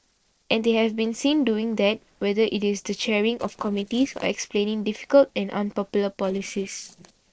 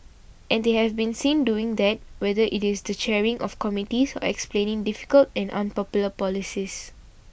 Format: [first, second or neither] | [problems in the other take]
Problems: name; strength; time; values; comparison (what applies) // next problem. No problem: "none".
second | noise reduction (neural separator model SepFormer DNS4)